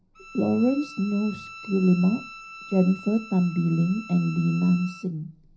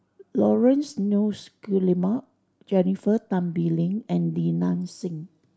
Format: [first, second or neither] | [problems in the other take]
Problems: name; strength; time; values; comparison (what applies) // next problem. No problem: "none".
second | background sound (Bowed string instrument); 18 dB below the speech // room echo; dies away in 0.4 s